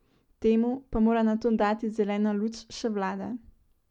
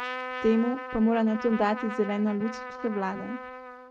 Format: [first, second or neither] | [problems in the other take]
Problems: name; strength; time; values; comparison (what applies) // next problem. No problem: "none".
first | noise reduction (neural mask model RNNoise)